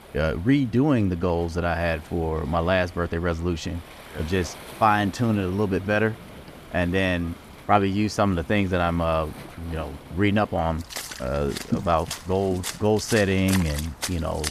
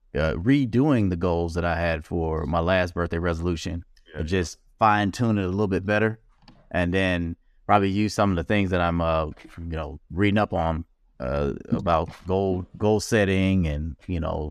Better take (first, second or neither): second